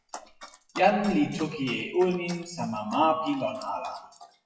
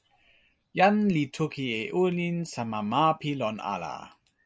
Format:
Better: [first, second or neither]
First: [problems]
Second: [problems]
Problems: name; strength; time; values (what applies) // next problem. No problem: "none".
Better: second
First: noise reduction (classical method WPE with log-MMSE)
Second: none